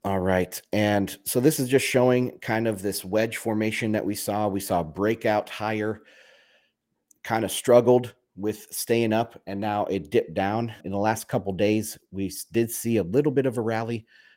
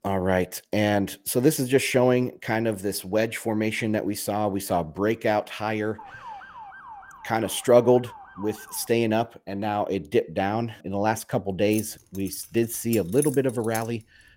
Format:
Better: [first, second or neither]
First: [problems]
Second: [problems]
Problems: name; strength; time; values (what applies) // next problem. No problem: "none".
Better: first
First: none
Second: siren; faint; from 6 to 9 s; peak 15 dB below the speech // jangling keys; noticeable; from 12 to 14 s; peak 8 dB below the speech